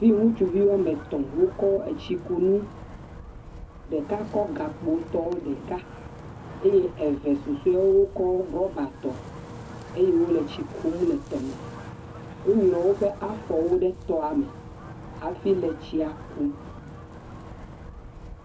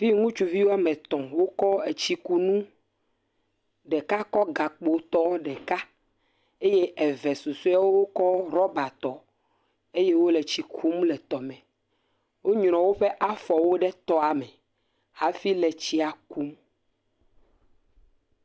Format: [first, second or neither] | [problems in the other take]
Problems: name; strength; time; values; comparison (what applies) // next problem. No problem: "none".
second | background sound (Wind); 14 dB below the speech // room echo; dies away in 0.4 s